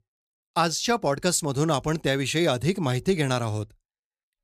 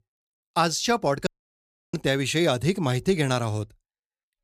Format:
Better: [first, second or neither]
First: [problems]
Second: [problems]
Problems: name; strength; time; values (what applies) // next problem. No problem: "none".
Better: first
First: none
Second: audio cutting out; at 1.5 s for 0.5 s